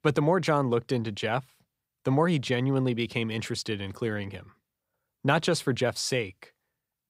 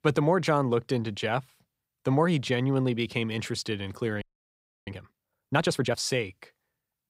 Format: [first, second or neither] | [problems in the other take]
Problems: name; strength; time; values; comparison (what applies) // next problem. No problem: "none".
first | audio freezing; at 4 s for 0.5 s